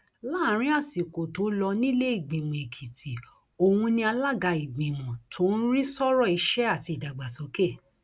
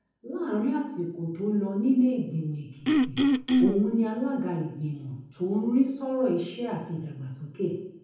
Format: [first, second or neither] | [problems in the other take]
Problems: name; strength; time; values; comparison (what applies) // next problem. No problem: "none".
first | background sound (Cough); 5 dB above the speech // room echo; dies away in 0.9 s